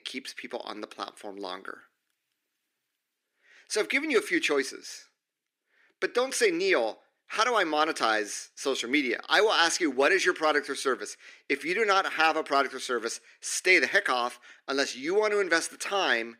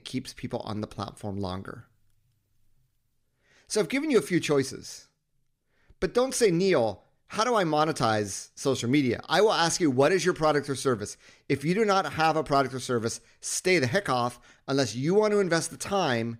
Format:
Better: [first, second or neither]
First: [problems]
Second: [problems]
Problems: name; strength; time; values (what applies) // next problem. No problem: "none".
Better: second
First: thin; somewhat; fading below 300 Hz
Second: none